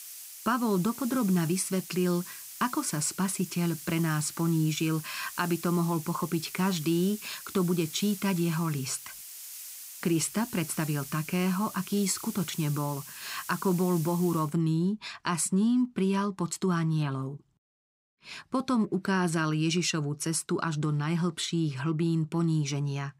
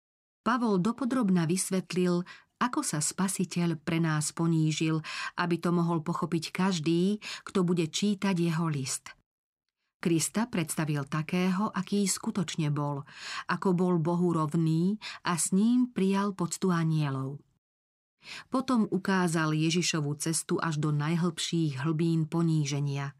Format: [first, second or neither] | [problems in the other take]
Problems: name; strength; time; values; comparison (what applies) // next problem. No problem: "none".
second | hiss; noticeable; until 14 s; 10 dB below the speech